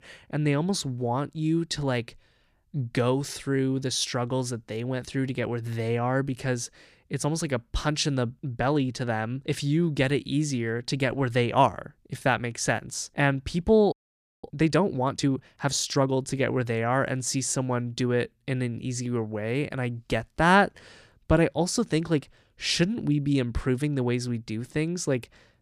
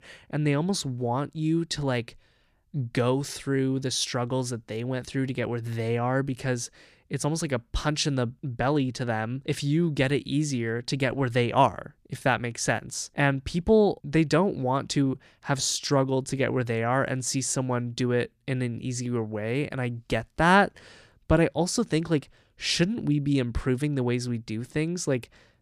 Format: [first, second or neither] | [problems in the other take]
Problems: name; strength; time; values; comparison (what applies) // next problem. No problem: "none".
second | audio freezing; at 14 s for 0.5 s